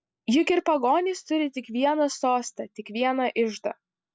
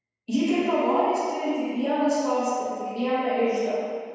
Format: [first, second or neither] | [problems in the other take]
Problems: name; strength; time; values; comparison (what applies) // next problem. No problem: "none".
first | room echo; dies away in 1.9 s